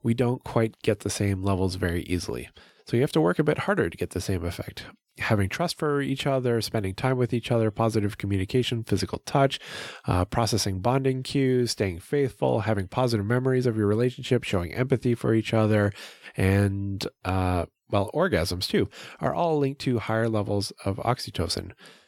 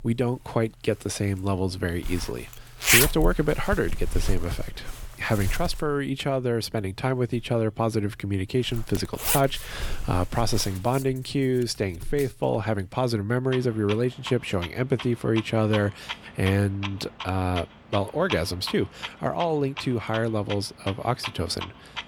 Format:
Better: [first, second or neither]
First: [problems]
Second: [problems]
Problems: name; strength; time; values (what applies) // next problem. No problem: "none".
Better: first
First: none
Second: household noises; loud; throughout; 4 dB below the speech